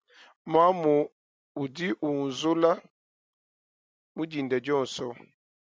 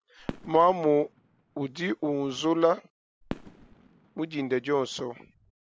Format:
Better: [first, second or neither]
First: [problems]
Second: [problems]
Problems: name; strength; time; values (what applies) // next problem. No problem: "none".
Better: first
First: none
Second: background sound (Fireworks); 17 dB below the speech